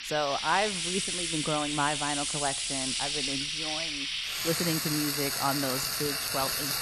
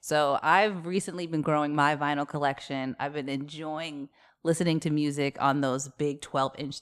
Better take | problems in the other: second | household noises; very loud; throughout; 3 dB above the speech

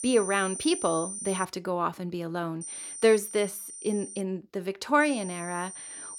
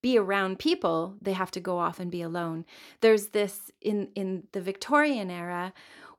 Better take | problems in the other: second | high-pitched whine; loud; until 1.5 s, from 2.5 to 4 s and from 5 s on; 9 kHz, 8 dB below the speech

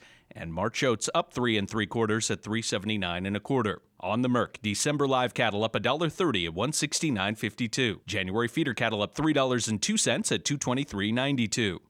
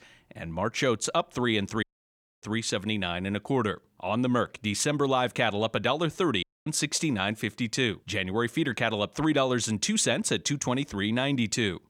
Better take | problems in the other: first | audio cutting out; at 2 s for 0.5 s and at 6.5 s

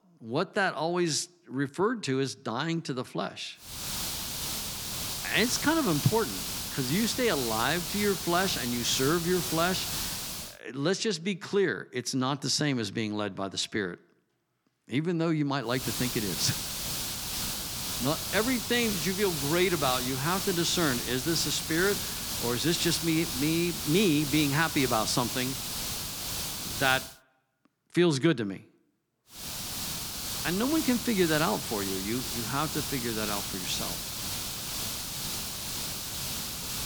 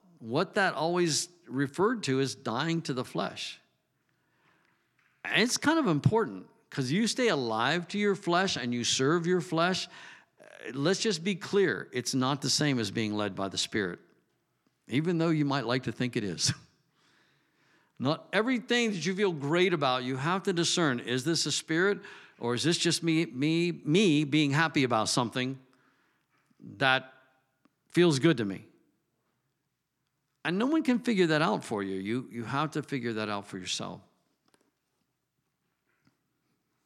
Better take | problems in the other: second | hiss; loud; from 3.5 to 10 s, from 16 to 27 s and from 29 s on; 3 dB below the speech

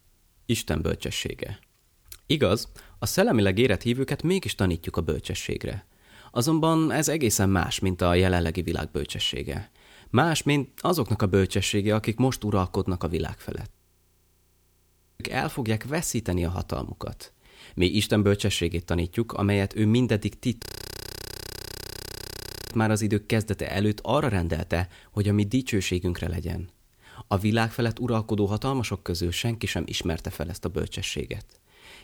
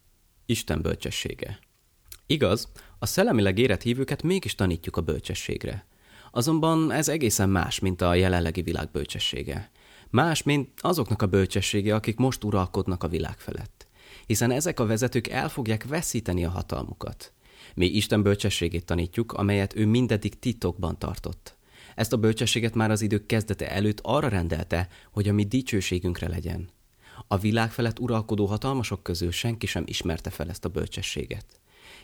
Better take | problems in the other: second | audio freezing; at 14 s for 1.5 s and at 21 s for 2 s

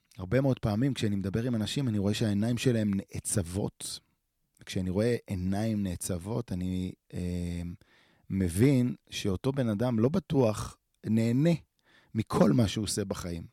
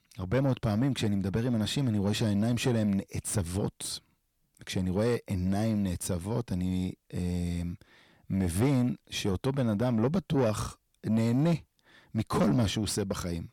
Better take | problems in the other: first | distortion; slight; 10 dB below the speech

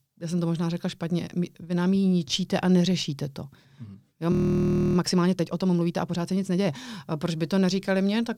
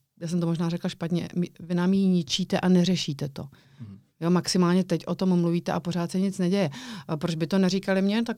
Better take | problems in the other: second | audio freezing; at 4.5 s for 0.5 s

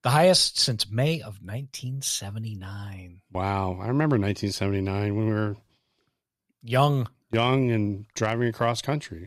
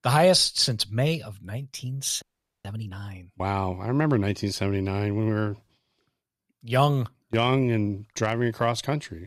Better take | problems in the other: first | audio freezing; at 2 s

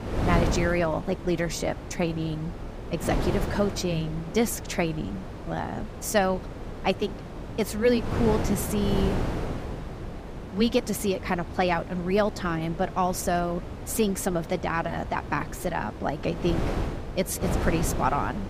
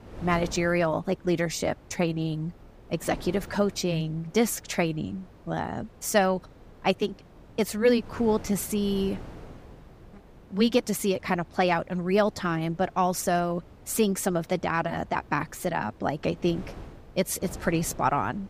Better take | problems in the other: second | wind noise on the microphone; heavy; 9 dB below the speech; occasional gusts in the second

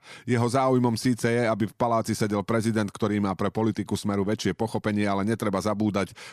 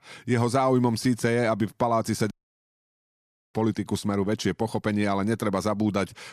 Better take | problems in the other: first | audio cutting out; at 2.5 s for 1 s

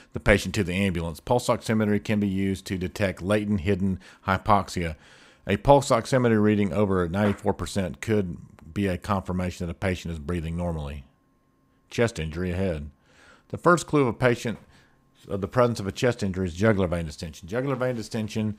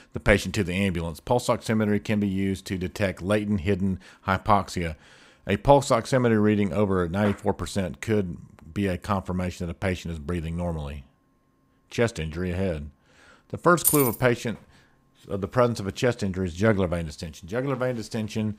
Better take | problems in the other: first | jangling keys; loud; at 14 s; peak 3 dB above the speech

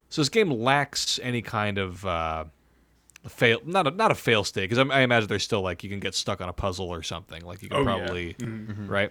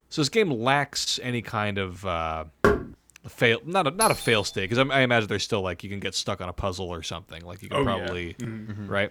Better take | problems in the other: first | door banging; loud; at 2.5 s; peak 2 dB above the speech // doorbell; noticeable; at 4 s; peak 2 dB below the speech

